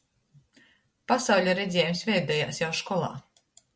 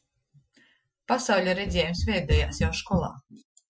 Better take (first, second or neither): first